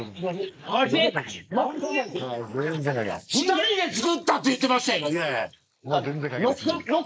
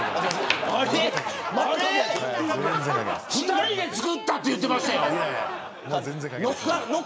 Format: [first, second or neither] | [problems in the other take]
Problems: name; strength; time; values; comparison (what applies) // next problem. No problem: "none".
second | noise reduction (neural mask model Resemble Enhance denoiser)